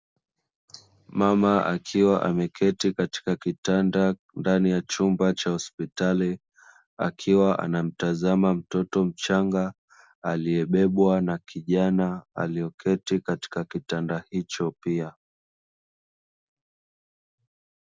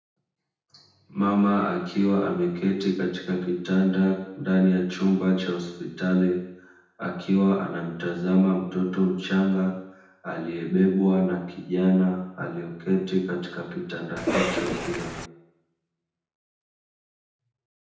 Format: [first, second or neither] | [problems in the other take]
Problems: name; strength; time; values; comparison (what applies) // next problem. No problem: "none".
first | background sound (Cough); 3 dB below the speech // room echo; dies away in 0.9 s